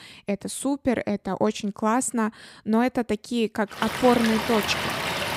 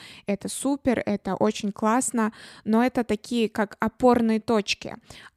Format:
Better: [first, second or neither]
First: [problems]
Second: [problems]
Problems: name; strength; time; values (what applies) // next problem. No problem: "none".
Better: second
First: rain or running water; loud; from 4 s on; 3 dB below the speech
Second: none